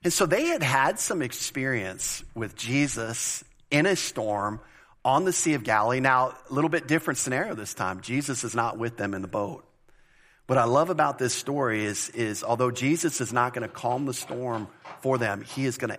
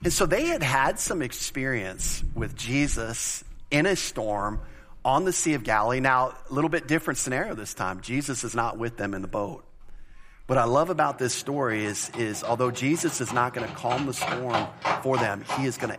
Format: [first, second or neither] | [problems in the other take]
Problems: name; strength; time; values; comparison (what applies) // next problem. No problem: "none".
first | animal sounds; loud; throughout; 8 dB below the speech; faint in the first